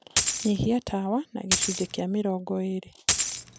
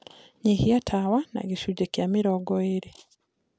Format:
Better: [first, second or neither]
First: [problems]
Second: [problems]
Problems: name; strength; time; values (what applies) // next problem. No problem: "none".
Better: second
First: background sound (Coin (dropping)); 2 dB above the speech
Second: none